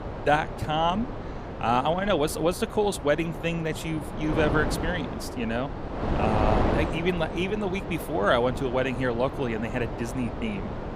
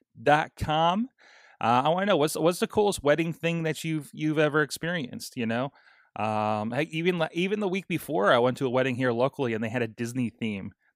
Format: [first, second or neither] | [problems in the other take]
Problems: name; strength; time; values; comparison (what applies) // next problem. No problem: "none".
second | wind noise on the microphone; heavy; 7 dB below the speech